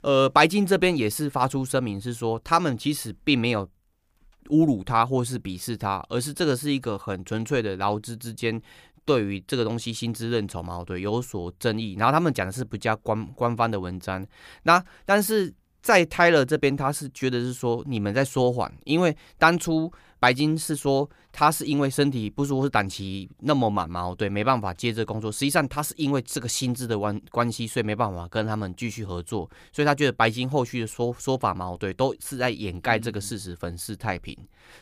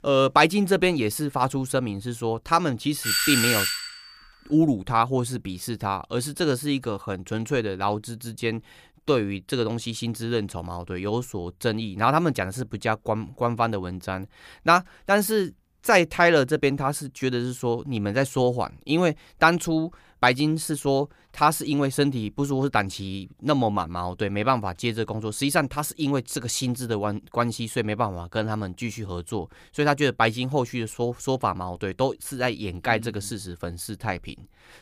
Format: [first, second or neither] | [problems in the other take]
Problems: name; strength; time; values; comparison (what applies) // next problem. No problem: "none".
first | doorbell; loud; at 3 s; peak 5 dB above the speech